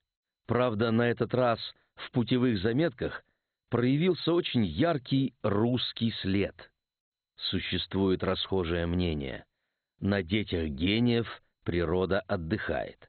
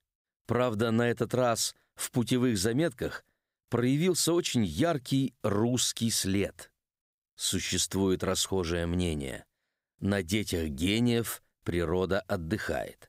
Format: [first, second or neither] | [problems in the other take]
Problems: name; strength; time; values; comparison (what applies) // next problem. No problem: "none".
second | garbled, watery; badly; nothing above 4 kHz